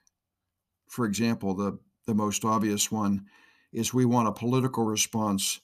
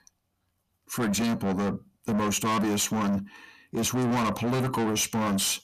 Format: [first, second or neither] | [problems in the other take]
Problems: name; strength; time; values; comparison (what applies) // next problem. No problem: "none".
first | distortion; heavy; 6 dB below the speech